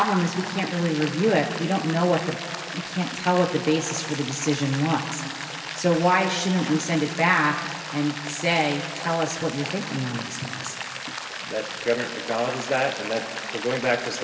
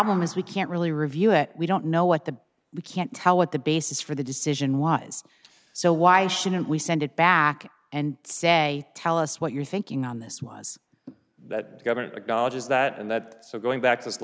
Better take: second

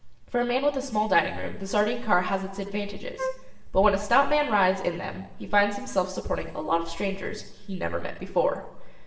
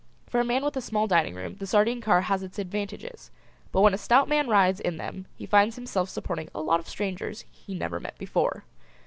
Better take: second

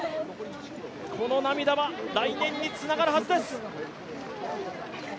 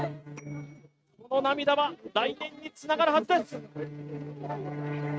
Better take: first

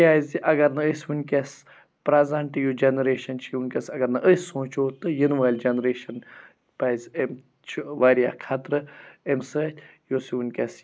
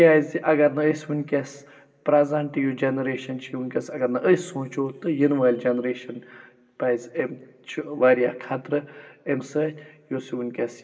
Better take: first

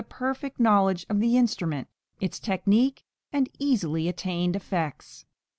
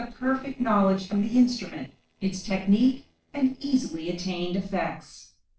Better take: first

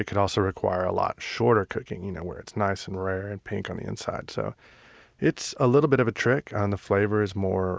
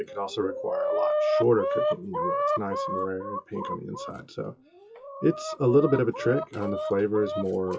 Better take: first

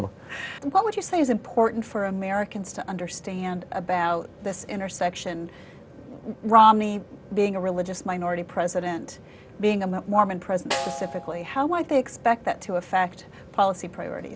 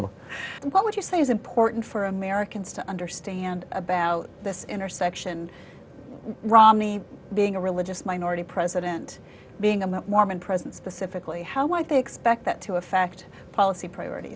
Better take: second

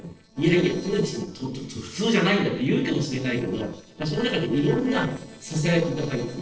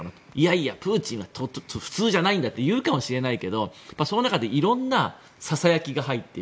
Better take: second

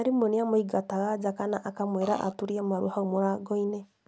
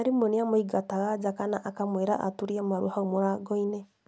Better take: second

